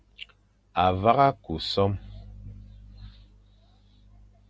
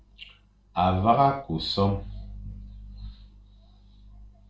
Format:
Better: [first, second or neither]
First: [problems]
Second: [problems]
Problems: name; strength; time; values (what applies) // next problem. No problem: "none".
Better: first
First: none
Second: room echo; dies away in 0.4 s